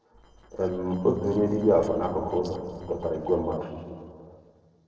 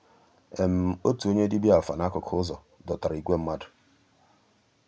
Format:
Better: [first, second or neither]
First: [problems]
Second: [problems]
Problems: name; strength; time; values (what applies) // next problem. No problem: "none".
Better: second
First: noise reduction (neural separator model SepFormer DNS4)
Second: none